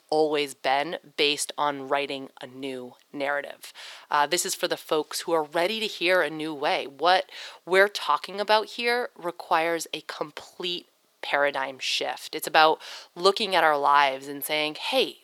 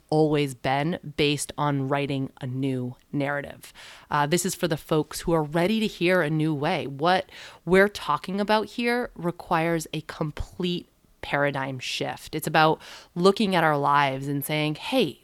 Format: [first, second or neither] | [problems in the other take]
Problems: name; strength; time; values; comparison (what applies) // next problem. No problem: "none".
second | thin; somewhat; fading below 500 Hz